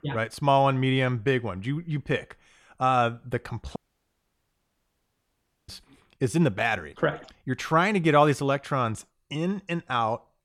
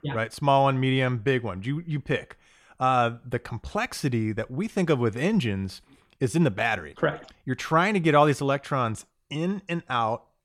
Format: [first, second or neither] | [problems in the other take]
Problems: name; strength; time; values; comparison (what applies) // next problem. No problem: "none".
second | audio cutting out; at 4 s for 2 s